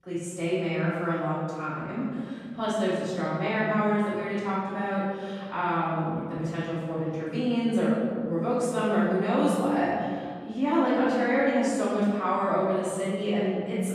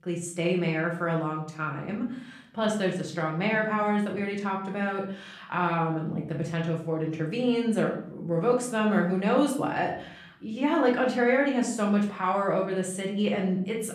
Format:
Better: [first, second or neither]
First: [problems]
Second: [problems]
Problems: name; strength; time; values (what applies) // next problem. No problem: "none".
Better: second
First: room echo; strong; dies away in 1.9 s // off-mic speech; far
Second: room echo; slight; dies away in 0.6 s // off-mic speech; far